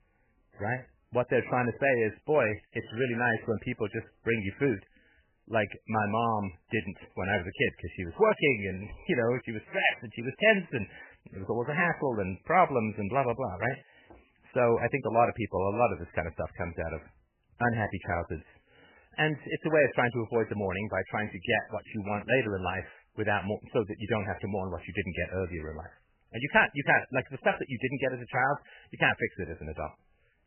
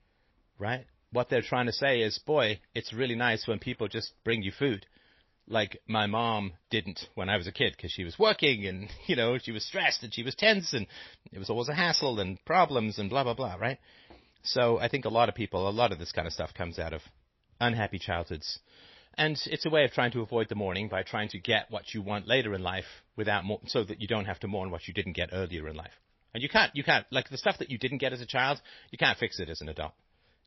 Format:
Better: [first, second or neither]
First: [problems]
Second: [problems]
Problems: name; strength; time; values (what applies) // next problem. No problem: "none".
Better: second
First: garbled, watery; badly; nothing above 3 kHz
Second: garbled, watery; slightly; nothing above 5.5 kHz